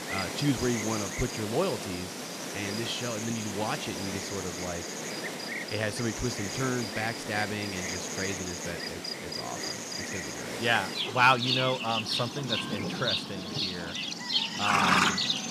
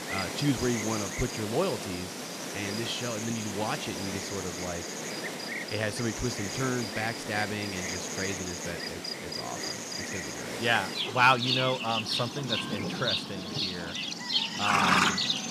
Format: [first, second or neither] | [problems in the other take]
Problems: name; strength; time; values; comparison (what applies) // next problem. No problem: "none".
neither | animal sounds; very loud; throughout; as loud as the speech; the same in both